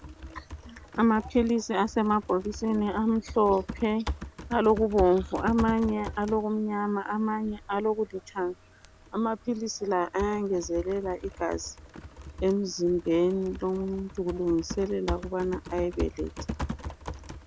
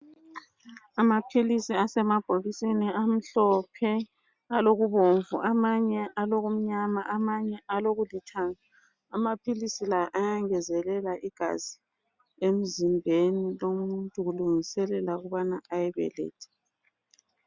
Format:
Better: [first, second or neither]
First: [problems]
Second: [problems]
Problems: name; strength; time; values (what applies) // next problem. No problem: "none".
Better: second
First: background sound (Typing); 12 dB below the speech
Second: none